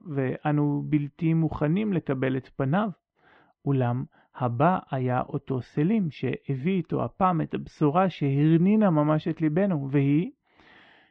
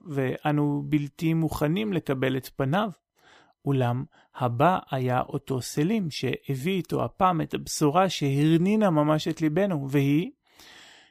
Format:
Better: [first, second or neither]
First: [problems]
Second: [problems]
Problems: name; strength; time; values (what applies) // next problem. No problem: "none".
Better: second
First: muffled; very; fading above 2.5 kHz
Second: none